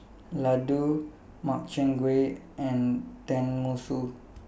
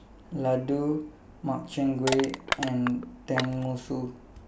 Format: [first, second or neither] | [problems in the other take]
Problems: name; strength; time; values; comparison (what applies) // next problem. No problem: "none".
first | background sound (Crushing); 4 dB below the speech